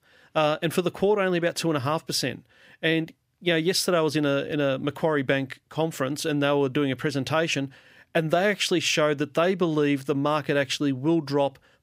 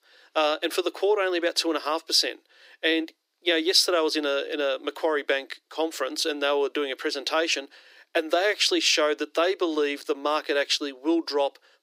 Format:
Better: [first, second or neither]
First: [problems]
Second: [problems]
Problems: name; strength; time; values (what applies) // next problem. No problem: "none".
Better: first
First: none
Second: thin; somewhat; fading below 300 Hz